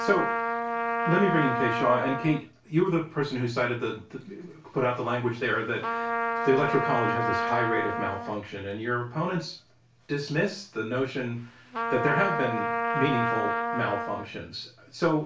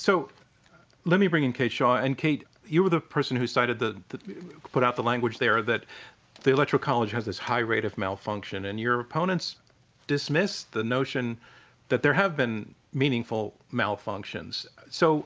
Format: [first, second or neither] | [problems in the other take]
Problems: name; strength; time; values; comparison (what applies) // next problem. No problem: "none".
second | background sound (Trumpet); 3 dB below the speech // room echo; dies away in 0.3 s